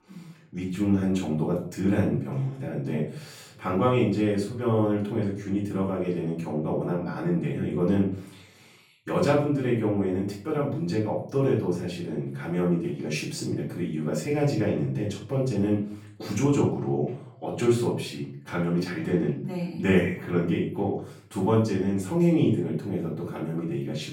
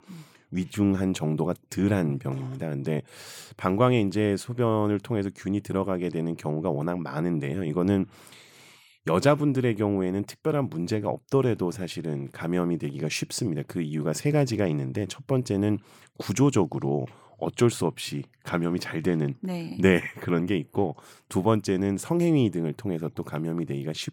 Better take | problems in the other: second | off-mic speech; far // room echo; noticeable; dies away in 0.5 s

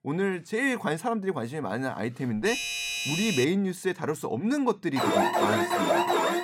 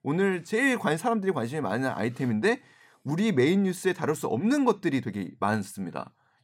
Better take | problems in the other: second | doorbell; loud; from 2.5 to 3.5 s; peak 1 dB above the speech // alarm; loud; from 5 s on; peak 5 dB above the speech

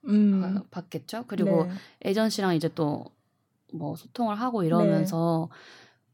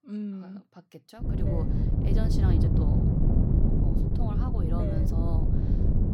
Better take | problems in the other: first | wind noise on the microphone; heavy; from 1 s on; 4 dB above the speech

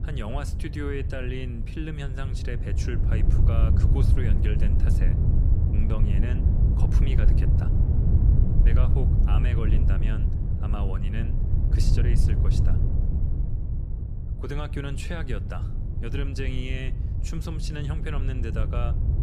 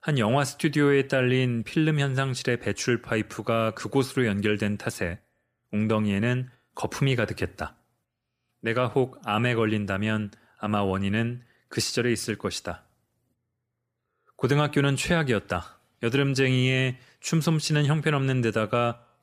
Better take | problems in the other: second | wind noise on the microphone; heavy; 2 dB below the speech

